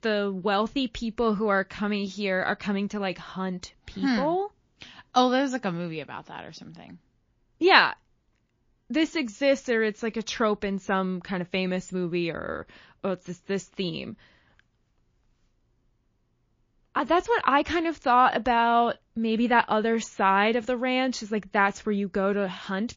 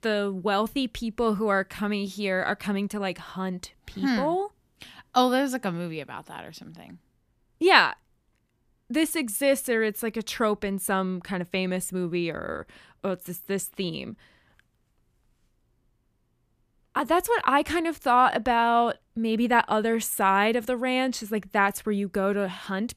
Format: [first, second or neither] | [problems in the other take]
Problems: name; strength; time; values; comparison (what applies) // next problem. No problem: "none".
second | garbled, watery; slightly